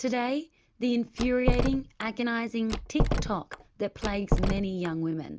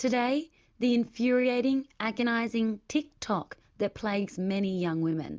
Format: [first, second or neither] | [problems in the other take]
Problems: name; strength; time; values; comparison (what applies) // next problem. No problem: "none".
second | background sound (Door); as loud as the speech